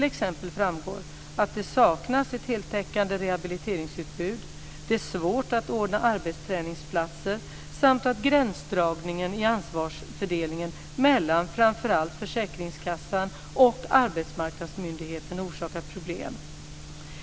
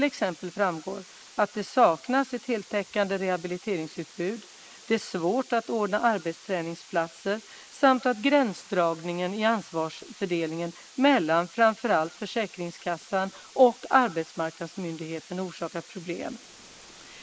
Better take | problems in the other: first | noise reduction (neural mask model Resemble Enhance denoiser)

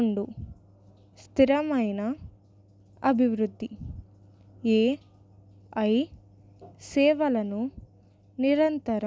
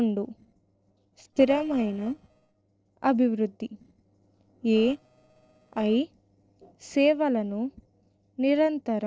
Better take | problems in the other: first | noise reduction (neural separator model SepFormer DNS4)

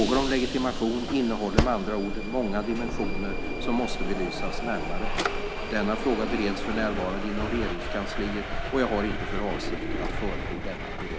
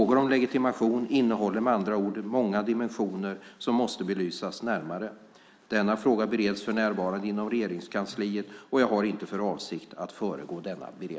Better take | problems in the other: second | background sound (Subway, metro, underground + Drawer open or close); as loud as the speech

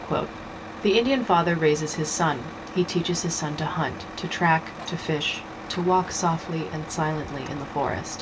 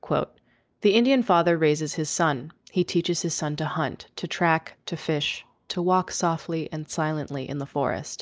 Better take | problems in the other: second | background sound (Truck); 12 dB below the speech // room echo; dies away in 0.2 s

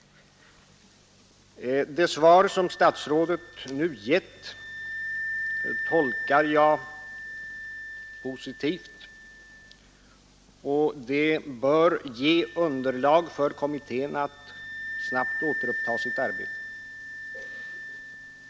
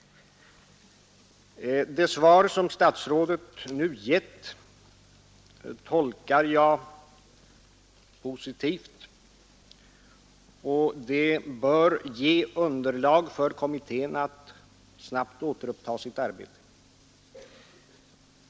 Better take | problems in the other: second | background sound (Wind instrument, woodwind instrument); 10 dB below the speech

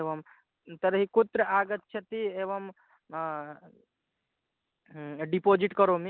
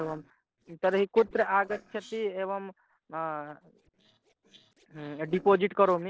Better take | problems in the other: first | noise reduction (neural separator model SepFormer DNS4)

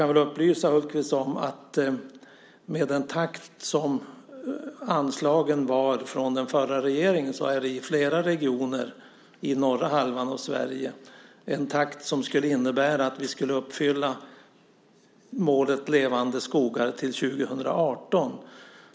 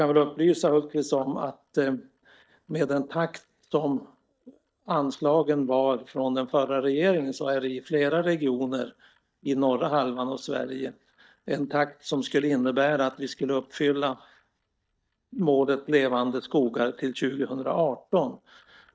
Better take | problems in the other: first | noise reduction (neural mask model DeepFilterNet 3)

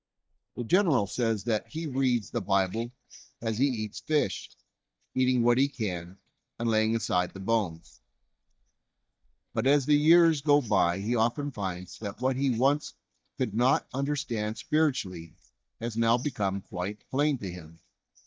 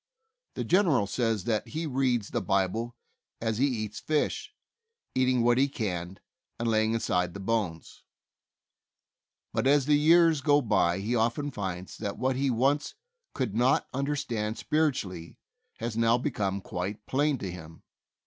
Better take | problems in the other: second | noise reduction (neural mask model DeepFilterNet 3)

